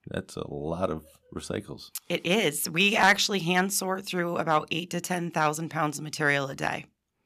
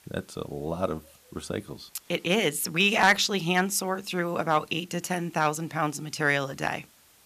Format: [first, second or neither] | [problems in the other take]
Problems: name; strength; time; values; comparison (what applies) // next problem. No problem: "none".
first | hiss; faint; throughout; 30 dB below the speech